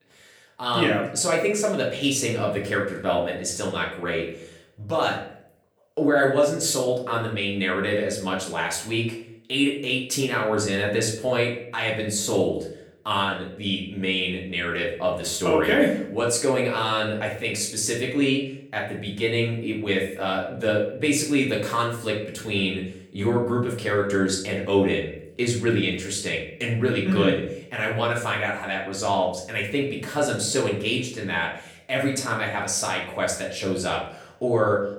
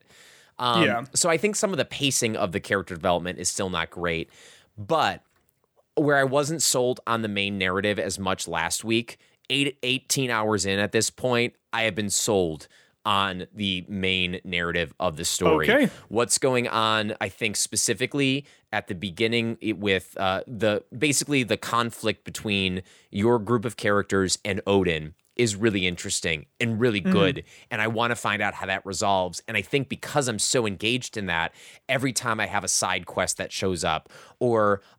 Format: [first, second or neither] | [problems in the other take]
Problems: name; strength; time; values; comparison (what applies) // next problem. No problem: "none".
second | room echo; slight; dies away in 0.5 s // off-mic speech; far